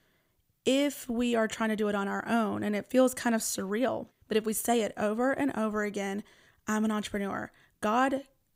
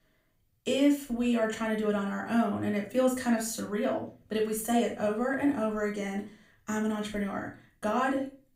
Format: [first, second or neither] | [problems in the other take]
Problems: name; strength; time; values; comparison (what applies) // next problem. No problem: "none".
first | off-mic speech; far // room echo; slight; dies away in 0.3 s